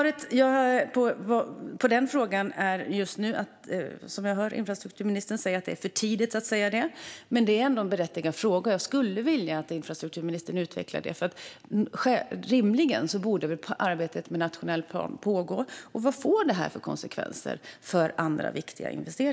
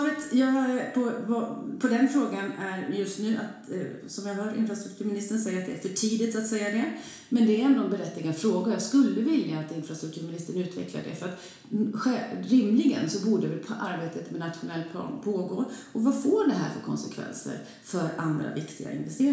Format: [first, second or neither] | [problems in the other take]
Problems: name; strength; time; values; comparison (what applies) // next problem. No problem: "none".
first | room echo; dies away in 0.7 s